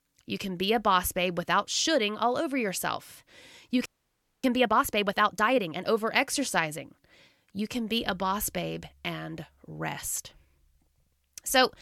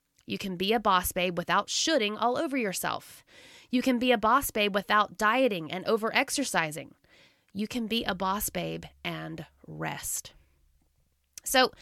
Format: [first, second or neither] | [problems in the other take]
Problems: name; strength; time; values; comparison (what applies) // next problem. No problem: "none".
second | audio freezing; at 4 s for 0.5 s